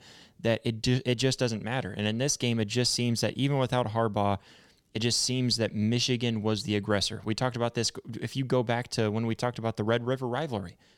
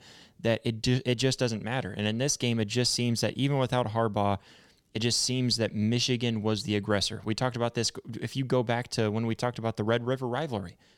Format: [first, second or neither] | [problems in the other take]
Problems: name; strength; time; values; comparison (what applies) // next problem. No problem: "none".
neither | none